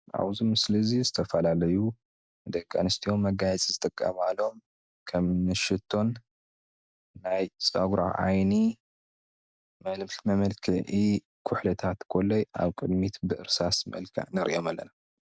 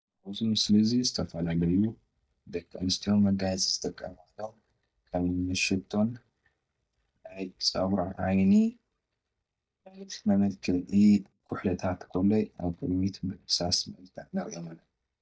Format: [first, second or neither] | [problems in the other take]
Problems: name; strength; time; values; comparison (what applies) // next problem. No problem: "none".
first | noise reduction (neural mask model DeepFilterNet 3)